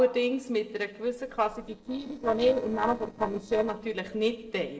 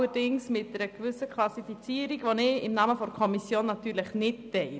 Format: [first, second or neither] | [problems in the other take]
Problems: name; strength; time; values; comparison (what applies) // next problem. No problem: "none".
second | noise reduction (neural separator model SepFormer DNS4)